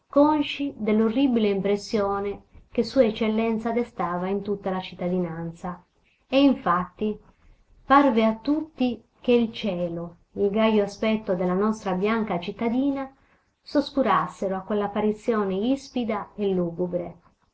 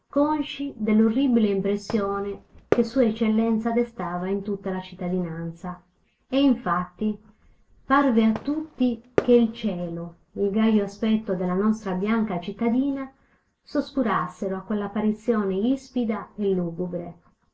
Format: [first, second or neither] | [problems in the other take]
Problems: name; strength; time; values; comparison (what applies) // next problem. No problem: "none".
first | background sound (Fireworks); 11 dB below the speech // room echo; dies away in 0.1 s